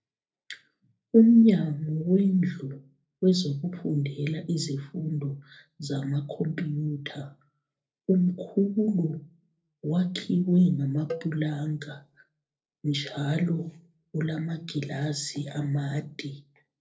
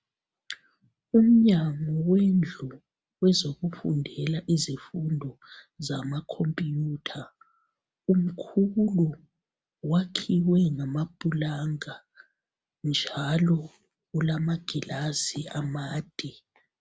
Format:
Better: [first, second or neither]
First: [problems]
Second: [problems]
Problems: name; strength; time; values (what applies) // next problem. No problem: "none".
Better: second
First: noise reduction (neural separator model SepFormer DNS4)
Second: none